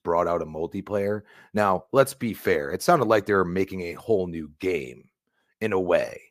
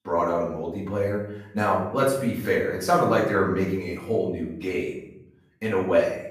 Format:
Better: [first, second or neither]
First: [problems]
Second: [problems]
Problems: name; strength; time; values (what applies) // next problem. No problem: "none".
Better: first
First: none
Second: off-mic speech; far // room echo; noticeable; dies away in 0.7 s